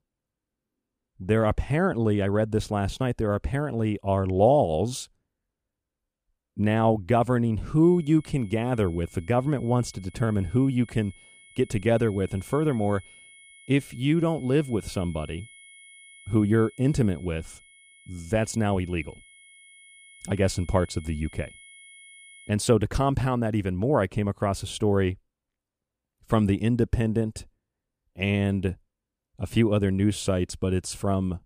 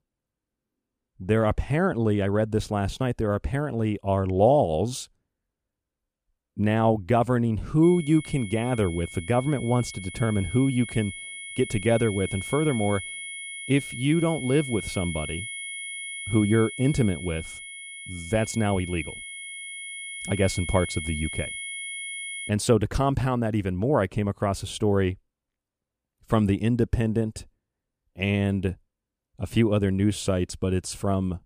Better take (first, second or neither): first